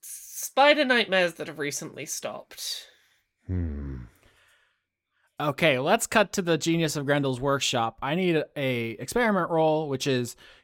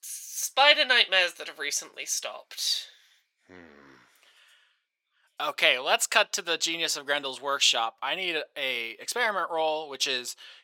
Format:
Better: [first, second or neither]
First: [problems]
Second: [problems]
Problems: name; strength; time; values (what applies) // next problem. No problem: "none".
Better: first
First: none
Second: thin; very; fading below 700 Hz